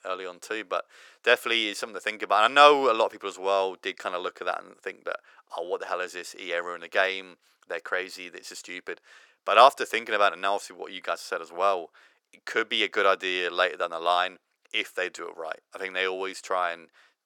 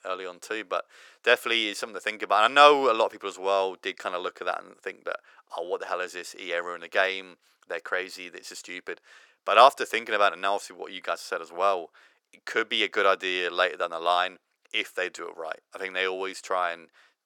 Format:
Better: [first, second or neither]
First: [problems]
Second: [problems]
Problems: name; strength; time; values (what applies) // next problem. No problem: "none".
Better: neither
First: thin; very; fading below 450 Hz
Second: thin; very; fading below 450 Hz